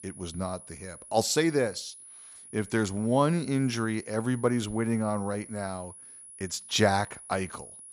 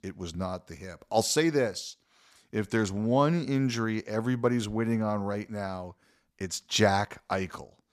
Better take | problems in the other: second | high-pitched whine; noticeable; throughout; 10.5 kHz, 15 dB below the speech

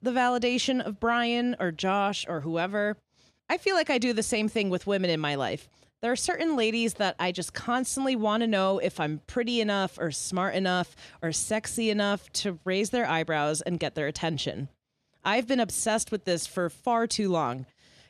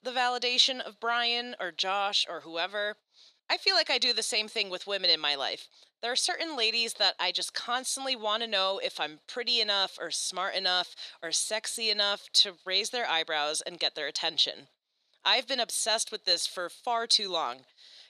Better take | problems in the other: first | thin; very; fading below 600 Hz

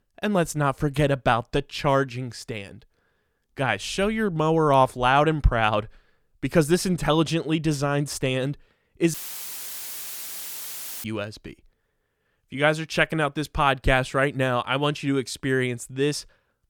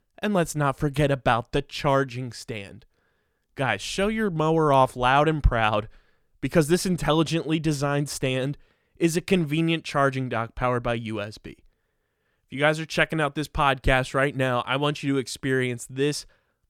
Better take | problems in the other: second | audio cutting out; filled with static; at 9 s for 2 s

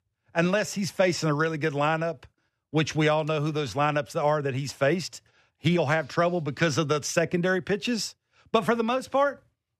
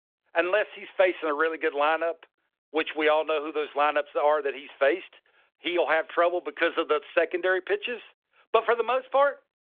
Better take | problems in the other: first | phone-call audio; nothing above 3.5 kHz

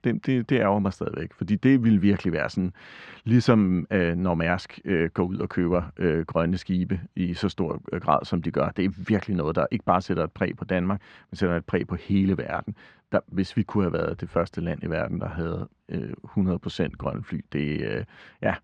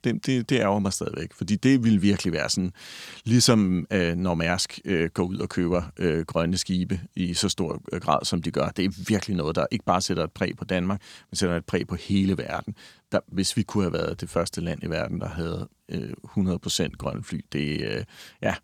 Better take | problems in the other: second | muffled; very; fading above 2 kHz

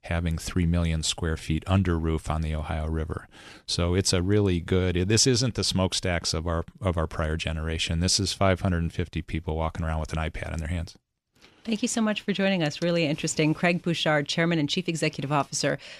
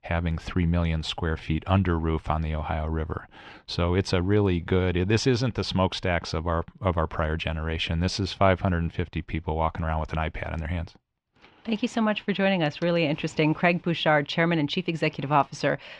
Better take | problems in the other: first | muffled; slightly; fading above 3 kHz

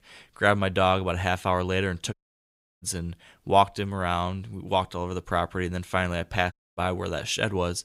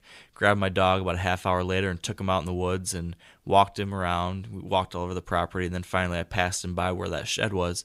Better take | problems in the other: second | audio cutting out; at 2 s for 0.5 s and at 6.5 s

